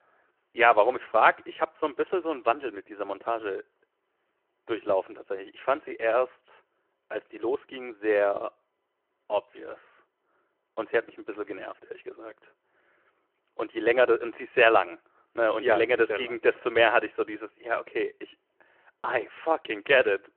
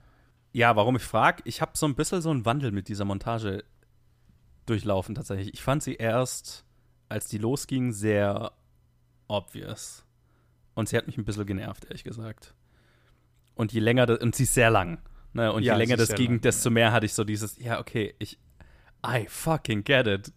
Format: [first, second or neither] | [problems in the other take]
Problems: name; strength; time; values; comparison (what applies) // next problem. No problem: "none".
second | phone-call audio